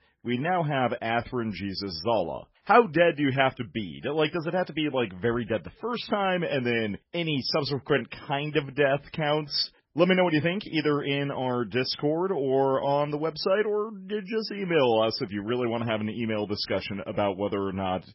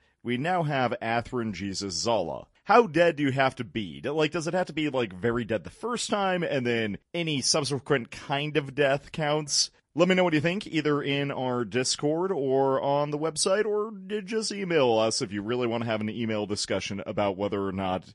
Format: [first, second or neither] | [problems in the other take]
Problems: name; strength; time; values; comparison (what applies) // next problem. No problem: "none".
second | garbled, watery; badly; nothing above 5.5 kHz; slightly in the second